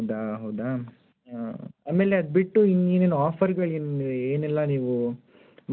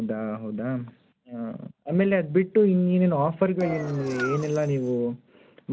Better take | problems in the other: first | background sound (Engine); 10 dB below the speech

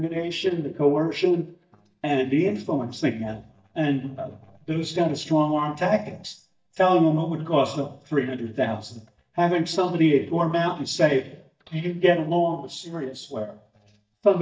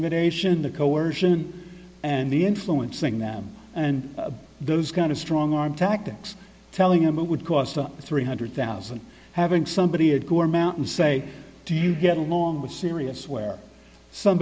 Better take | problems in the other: second | noise reduction (neural mask model DeepFilterNet 3)

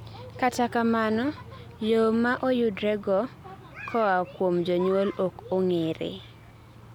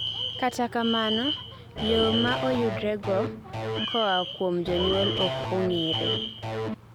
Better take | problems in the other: first | background sound (Alarm + Electric guitar / Bass guitar); 3 dB below the speech

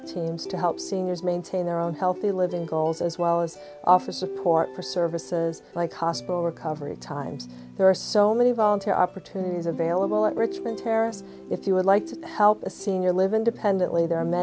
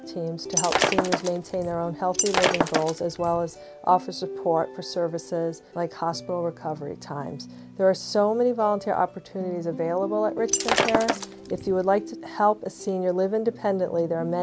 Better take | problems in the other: first | background sound (Shatter); 1 dB below the speech

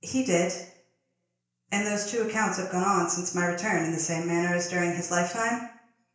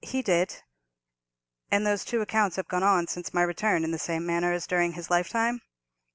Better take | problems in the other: second | room echo; dies away in 0.5 s

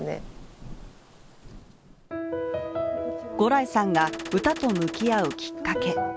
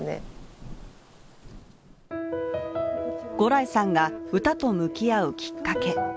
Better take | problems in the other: second | background sound (Gunshot, gunfire); 12 dB below the speech

